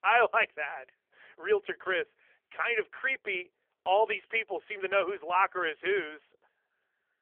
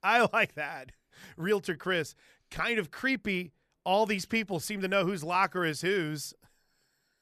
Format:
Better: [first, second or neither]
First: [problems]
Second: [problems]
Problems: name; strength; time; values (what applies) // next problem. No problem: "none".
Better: second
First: phone-call audio; poor line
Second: none